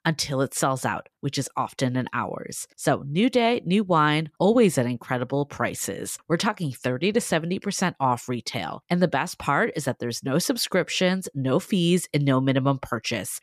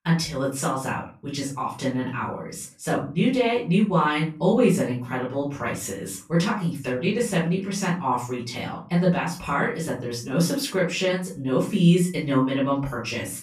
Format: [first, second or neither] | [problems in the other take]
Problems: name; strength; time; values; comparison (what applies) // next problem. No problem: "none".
first | off-mic speech; far // room echo; slight; dies away in 0.3 s